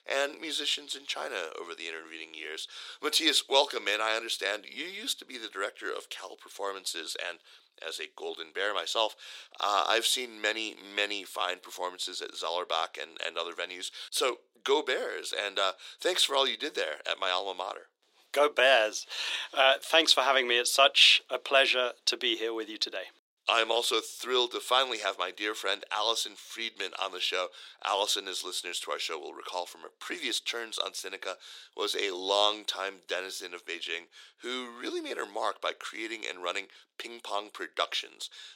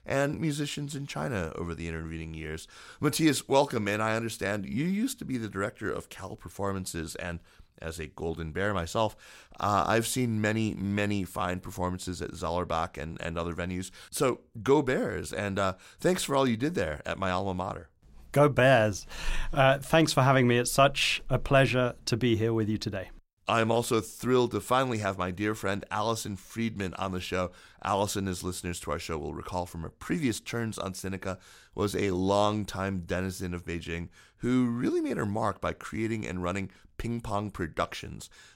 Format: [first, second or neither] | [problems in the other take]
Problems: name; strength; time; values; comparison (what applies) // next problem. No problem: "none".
second | thin; very; fading below 350 Hz